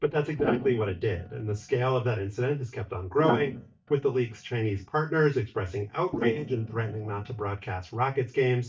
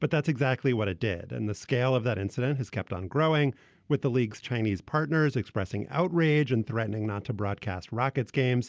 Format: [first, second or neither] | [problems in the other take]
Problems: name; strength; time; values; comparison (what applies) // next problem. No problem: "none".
second | noise reduction (neural mask model DeepFilterNet 3)